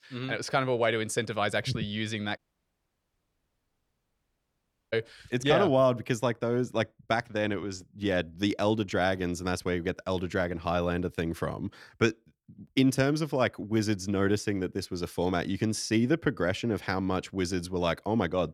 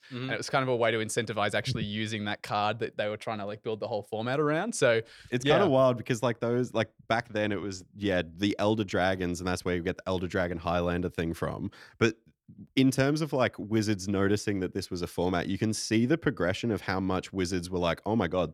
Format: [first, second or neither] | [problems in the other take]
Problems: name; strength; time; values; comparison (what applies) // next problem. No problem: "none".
second | audio cutting out; at 2.5 s for 2.5 s